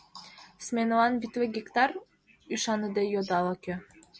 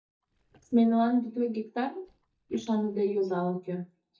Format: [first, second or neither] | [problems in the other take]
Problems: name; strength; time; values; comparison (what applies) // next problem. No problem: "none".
first | noise reduction (neural mask model DeepFilterNet 3)